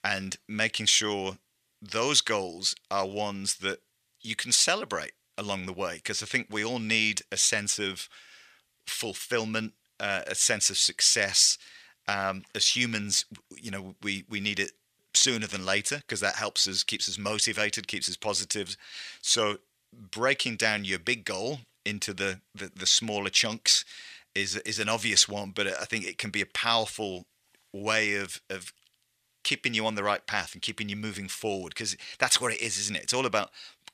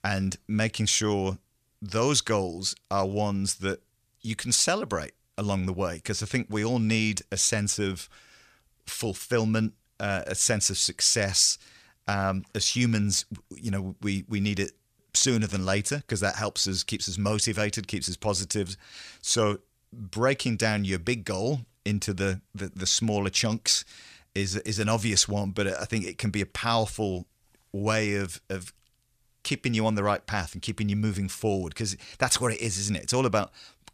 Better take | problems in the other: second | thin; somewhat; fading below 450 Hz

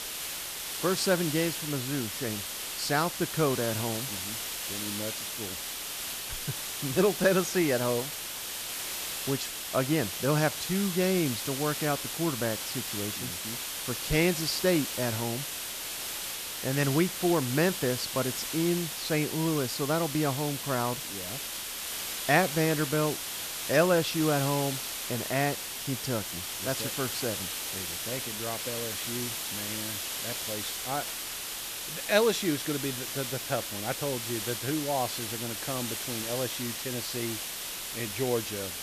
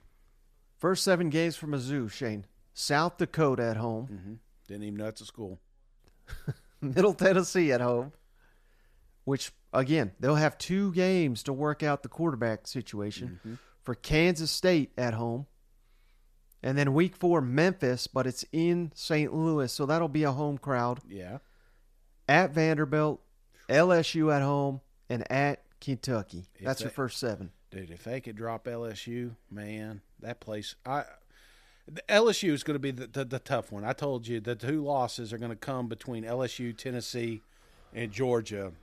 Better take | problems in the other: second | hiss; loud; throughout; 3 dB below the speech

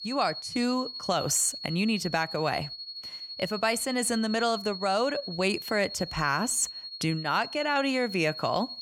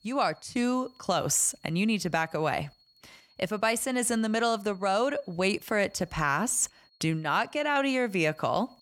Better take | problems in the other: second | high-pitched whine; loud; throughout; 4.5 kHz, 9 dB below the speech; faint in the second

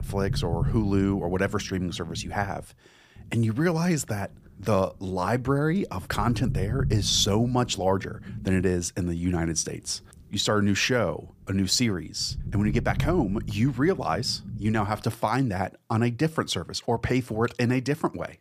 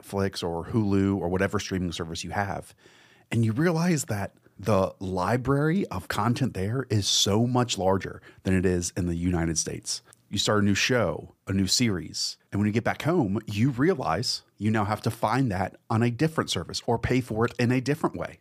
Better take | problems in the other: second | low rumble; noticeable; until 15 s; 20 dB below the speech

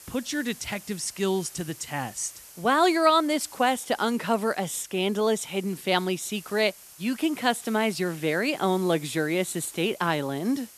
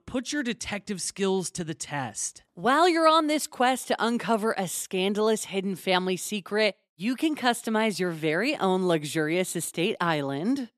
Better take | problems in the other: second | hiss; noticeable; throughout; 20 dB below the speech

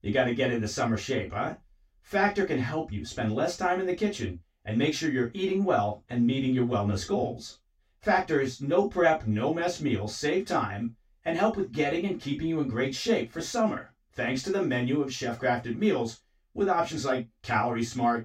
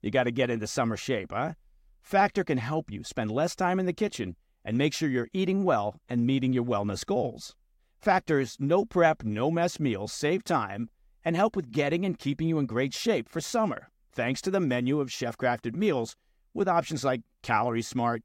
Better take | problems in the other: second | room echo; very slight; dies away in 0.2 s // off-mic speech; far

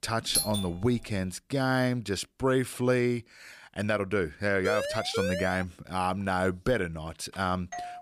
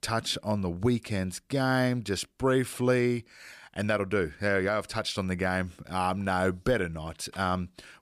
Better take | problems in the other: second | doorbell; loud; at 0.5 s; peak 2 dB above the speech // siren; noticeable; at 4.5 s; peak 2 dB below the speech // doorbell; very faint; at 7.5 s; peak 10 dB below the speech

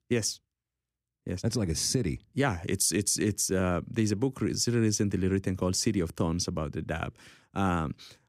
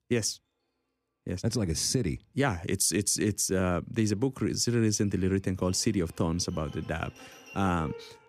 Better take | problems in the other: first | background music; faint; throughout; 20 dB below the speech

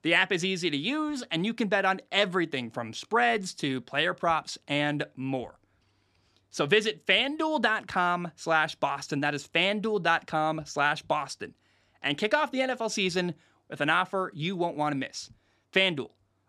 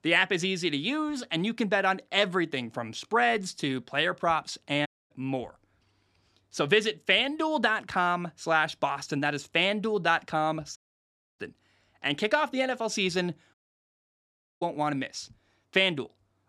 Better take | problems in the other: first | audio cutting out; at 5 s, at 11 s for 0.5 s and at 14 s for 1 s

